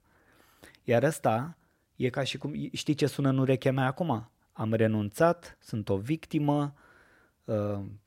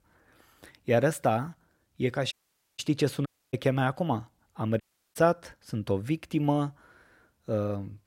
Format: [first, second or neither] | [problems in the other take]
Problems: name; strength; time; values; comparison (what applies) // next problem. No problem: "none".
first | audio cutting out; at 2.5 s, at 3.5 s and at 5 s